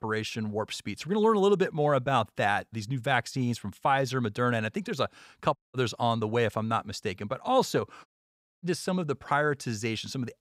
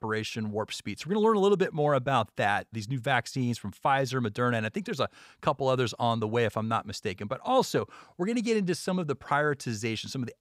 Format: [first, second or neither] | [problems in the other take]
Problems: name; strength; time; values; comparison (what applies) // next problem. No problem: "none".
second | audio cutting out; at 5.5 s and at 8 s for 0.5 s